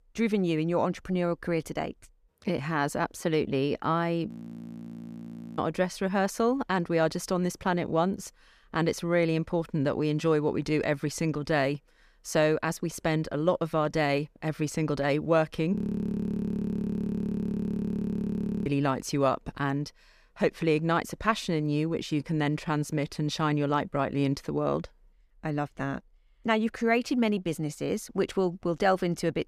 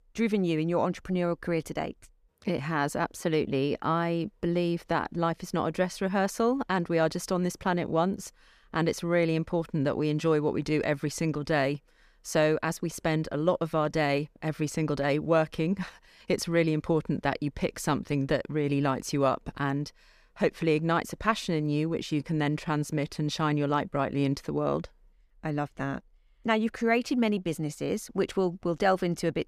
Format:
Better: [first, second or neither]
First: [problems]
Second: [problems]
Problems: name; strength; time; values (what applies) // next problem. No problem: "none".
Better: second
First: audio freezing; at 4.5 s for 1.5 s and at 16 s for 3 s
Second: none